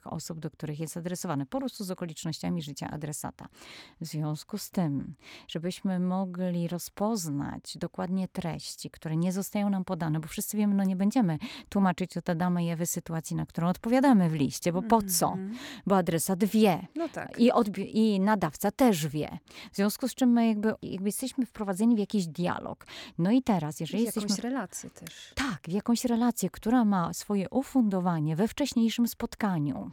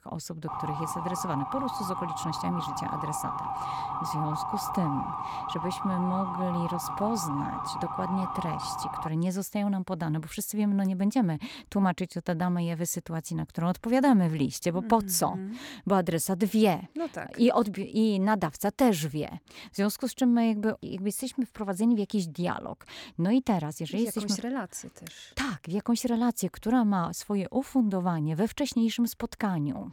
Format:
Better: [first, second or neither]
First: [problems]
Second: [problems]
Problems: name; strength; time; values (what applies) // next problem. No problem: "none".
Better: first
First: none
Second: siren; noticeable; until 9 s; peak 3 dB below the speech